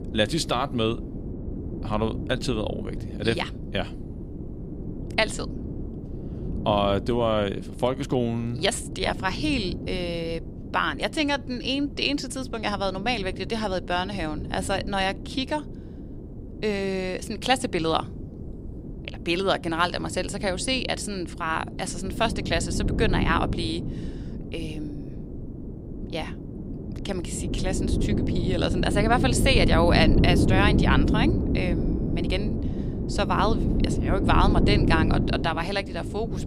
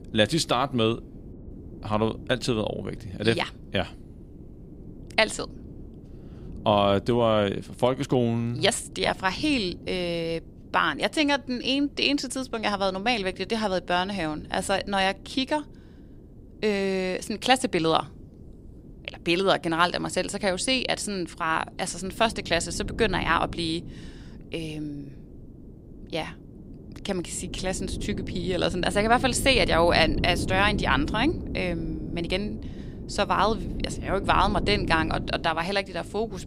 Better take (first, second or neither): second